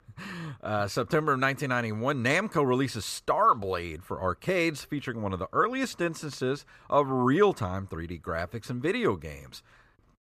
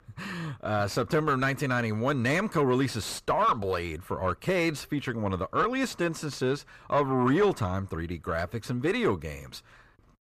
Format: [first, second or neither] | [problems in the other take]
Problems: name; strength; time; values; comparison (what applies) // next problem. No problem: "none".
first | distortion; slight; 10 dB below the speech